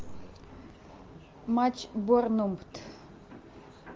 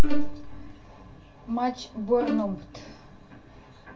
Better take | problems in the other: first | background sound (Bowed string instrument); 12 dB below the speech // room echo; dies away in 0.2 s

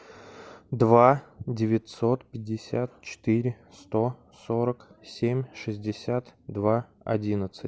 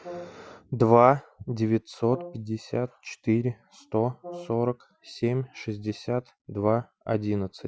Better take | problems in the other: first | noise reduction (classical method Wiener filter)

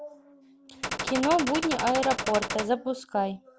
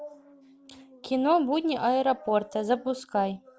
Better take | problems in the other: second | background sound (Gunshot, gunfire); 4 dB below the speech

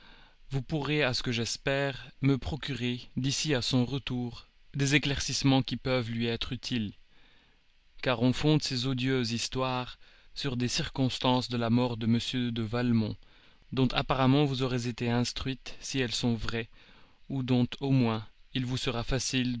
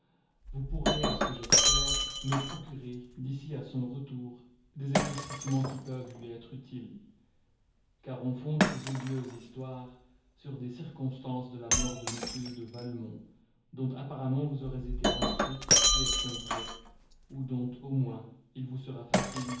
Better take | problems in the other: first | background sound (Shatter); 4 dB above the speech // room echo; dies away in 0.7 s

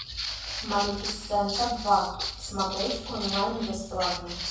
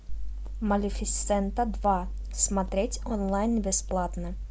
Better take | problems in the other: second | background sound (Walk, footsteps); 6 dB below the speech // room echo; dies away in 0.7 s

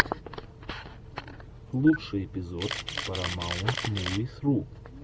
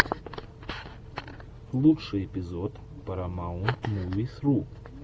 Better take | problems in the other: second | background sound (Camera); 6 dB below the speech

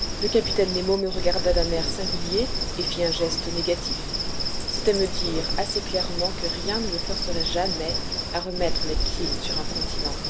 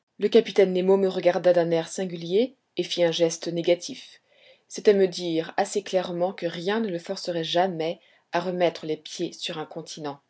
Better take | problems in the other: second | background sound (Insect); 2 dB above the speech

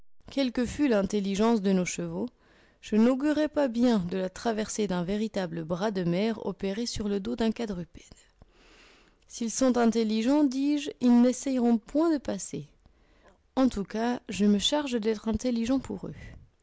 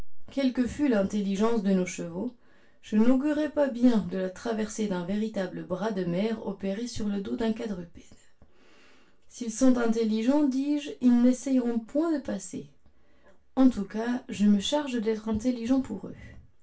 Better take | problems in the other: first | room echo; dies away in 0.2 s

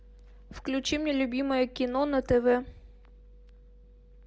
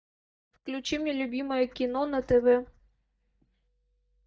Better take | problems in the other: first | noise reduction (neural mask model DeepFilterNet 3)

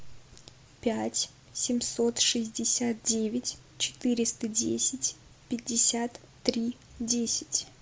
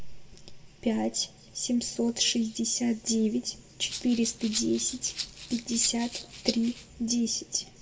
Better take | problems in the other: first | background sound (Rattle (instrument)); 10 dB below the speech // room echo; dies away in 1.4 s

